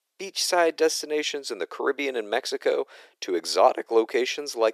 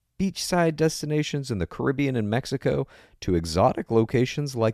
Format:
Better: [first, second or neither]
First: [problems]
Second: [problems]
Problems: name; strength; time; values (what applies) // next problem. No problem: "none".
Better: second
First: thin; very; fading below 350 Hz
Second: none